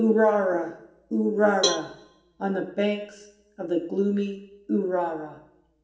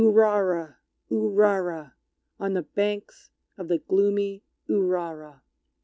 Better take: second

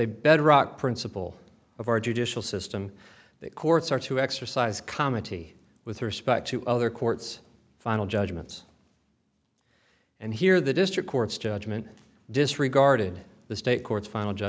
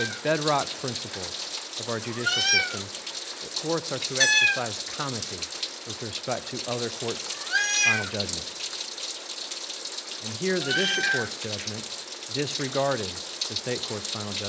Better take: first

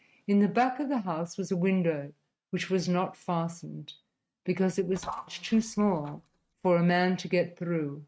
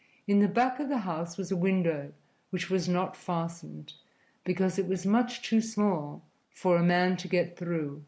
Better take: second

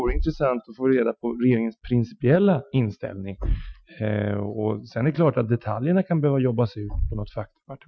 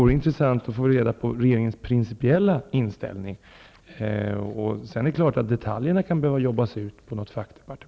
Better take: second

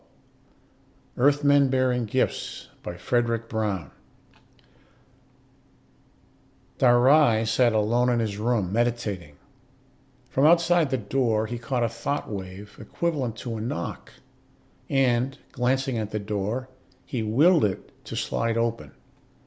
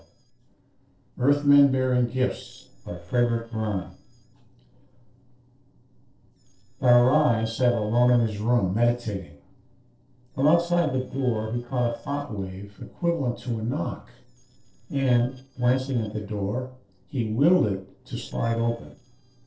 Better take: first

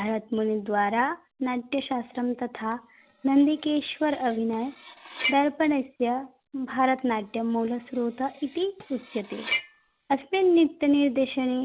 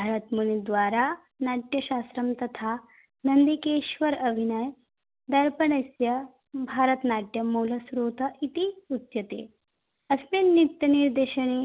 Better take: second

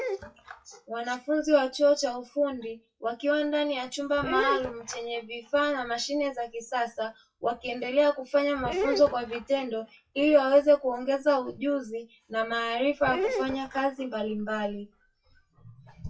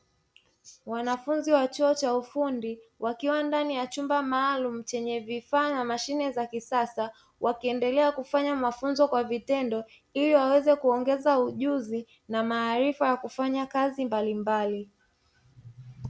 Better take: second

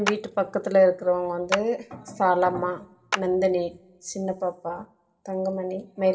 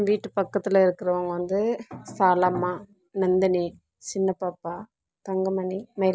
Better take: second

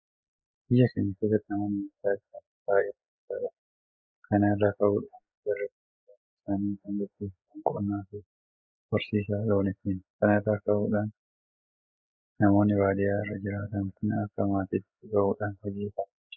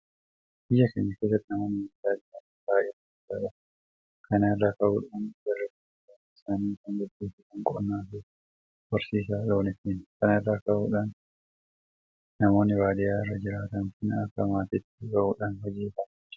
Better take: second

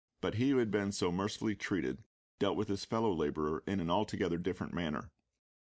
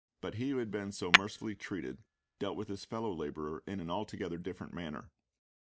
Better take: first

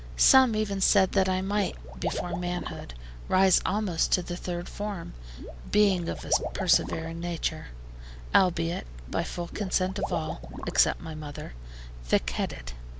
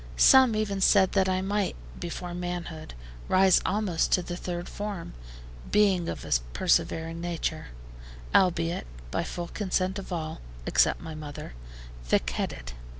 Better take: second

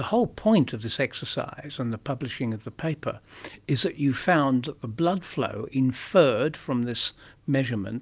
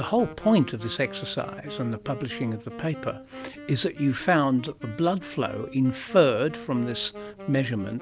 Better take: first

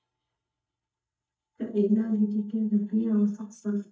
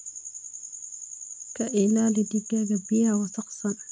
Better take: second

